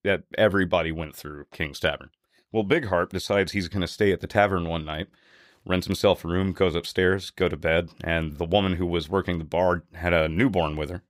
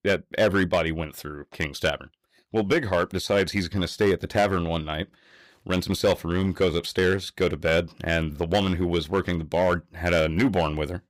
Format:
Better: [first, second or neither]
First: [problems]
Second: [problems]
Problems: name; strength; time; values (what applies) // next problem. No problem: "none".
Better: first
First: none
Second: distortion; slight; 4% of the sound clipped